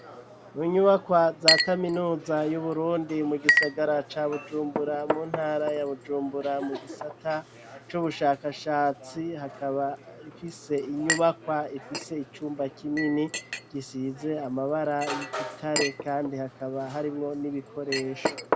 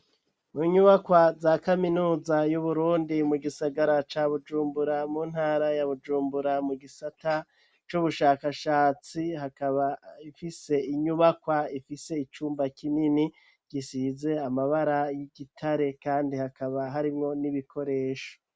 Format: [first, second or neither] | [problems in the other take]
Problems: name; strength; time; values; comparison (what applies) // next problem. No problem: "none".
second | background sound (Chink, clink); 5 dB below the speech